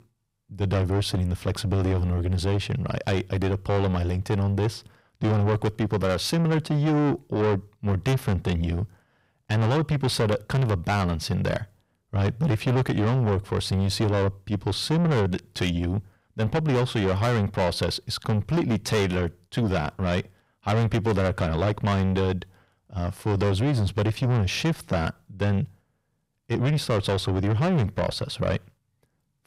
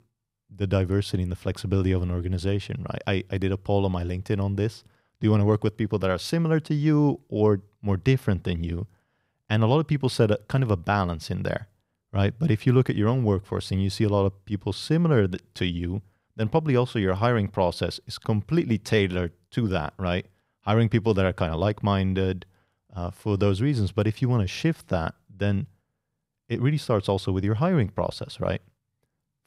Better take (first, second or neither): second